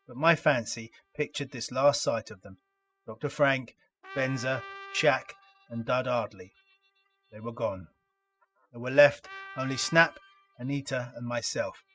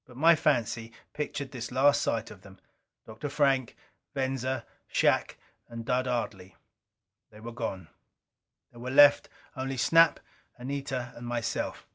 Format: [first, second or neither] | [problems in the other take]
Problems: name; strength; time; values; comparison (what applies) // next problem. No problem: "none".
second | noise reduction (classical method spectral subtraction)